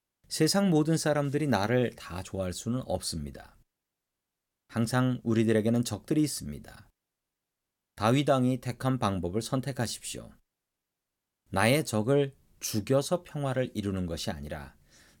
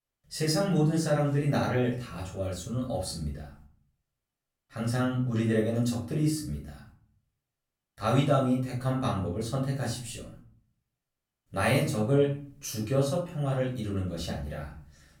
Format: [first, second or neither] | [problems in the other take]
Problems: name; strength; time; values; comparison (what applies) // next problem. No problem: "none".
first | off-mic speech; far // room echo; slight; dies away in 0.5 s